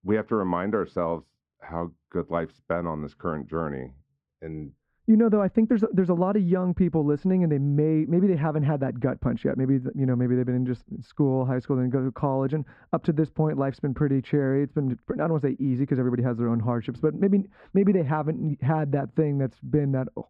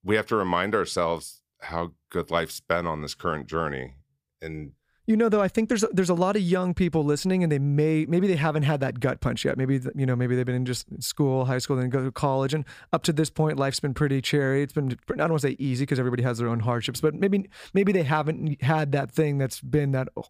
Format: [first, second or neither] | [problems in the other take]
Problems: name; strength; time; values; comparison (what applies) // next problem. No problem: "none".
second | muffled; very; fading above 1 kHz